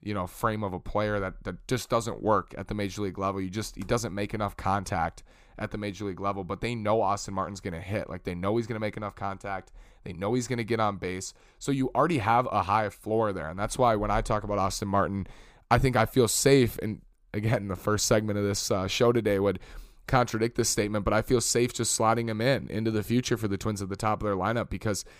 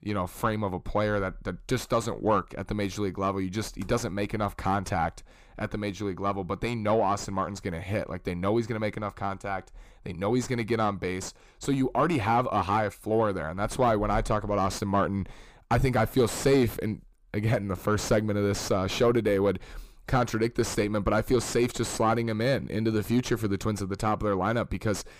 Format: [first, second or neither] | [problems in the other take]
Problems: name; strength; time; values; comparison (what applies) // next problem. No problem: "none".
first | distortion; slight; 9 dB below the speech